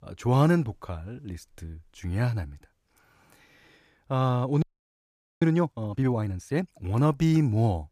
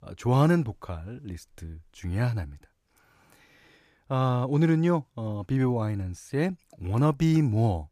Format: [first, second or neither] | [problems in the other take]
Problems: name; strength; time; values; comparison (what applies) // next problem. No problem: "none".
second | audio freezing; at 4.5 s for 1 s